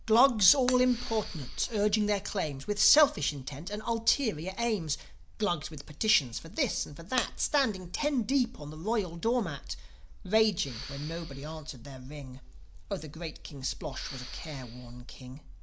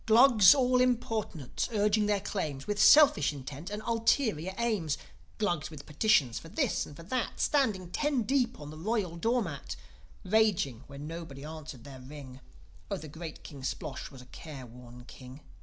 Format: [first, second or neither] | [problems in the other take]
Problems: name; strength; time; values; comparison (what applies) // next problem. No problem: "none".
second | background sound (Shatter + Respiratory sounds); 14 dB below the speech